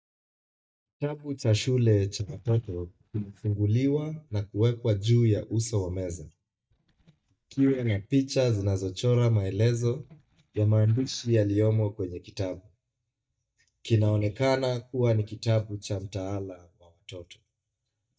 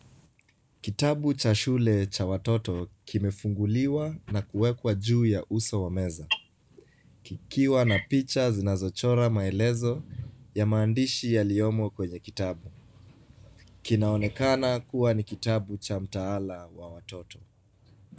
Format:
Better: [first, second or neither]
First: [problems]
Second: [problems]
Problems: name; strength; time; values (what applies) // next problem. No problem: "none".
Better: second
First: noise reduction (neural mask model DeepFilterNet 3)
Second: none